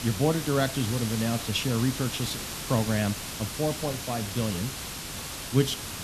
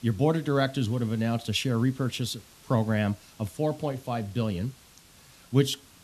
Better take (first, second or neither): second